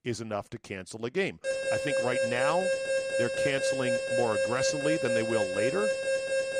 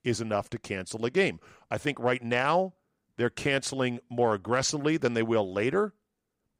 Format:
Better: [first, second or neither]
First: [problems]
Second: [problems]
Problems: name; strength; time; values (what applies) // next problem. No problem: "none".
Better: second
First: alarm; loud; from 1.5 s on; peak 4 dB above the speech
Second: none